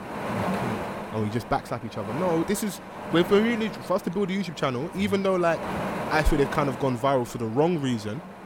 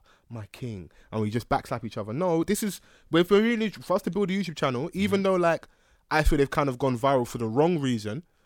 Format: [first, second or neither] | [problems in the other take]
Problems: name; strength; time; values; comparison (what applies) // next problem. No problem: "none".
second | wind noise on the microphone; heavy; 7 dB below the speech